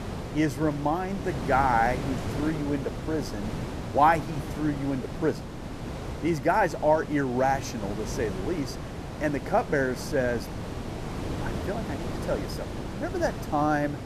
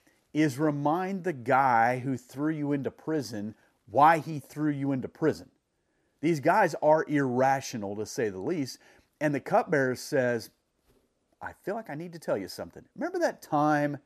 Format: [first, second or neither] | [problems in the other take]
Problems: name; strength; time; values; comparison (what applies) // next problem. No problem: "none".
second | wind noise on the microphone; occasional gusts; 10 dB below the speech